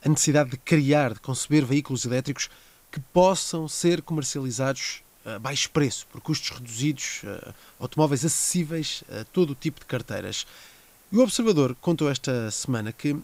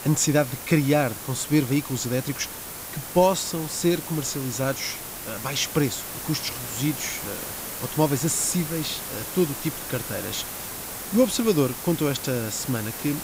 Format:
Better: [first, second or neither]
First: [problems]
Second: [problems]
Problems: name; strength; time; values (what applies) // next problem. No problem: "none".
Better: first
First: hiss; faint; throughout; 30 dB below the speech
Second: hiss; loud; throughout; 7 dB below the speech